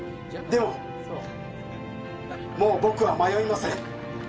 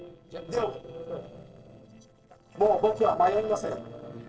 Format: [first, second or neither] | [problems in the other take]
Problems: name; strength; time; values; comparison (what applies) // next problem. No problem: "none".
first | noise reduction (neural separator model SepFormer DNS4)